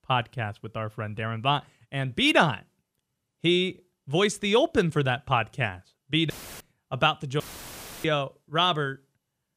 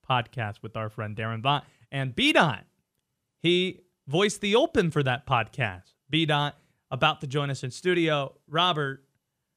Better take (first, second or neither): second